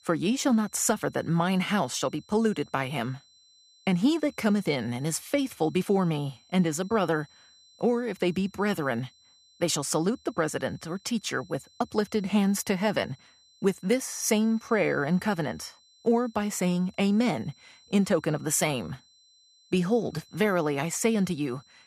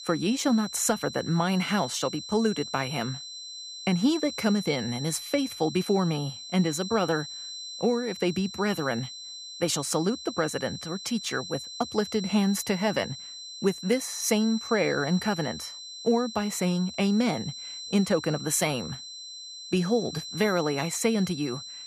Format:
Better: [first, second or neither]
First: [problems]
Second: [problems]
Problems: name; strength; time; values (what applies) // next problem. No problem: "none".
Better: first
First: high-pitched whine; faint; throughout; 4 kHz, 30 dB below the speech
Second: high-pitched whine; loud; throughout; 4 kHz, 10 dB below the speech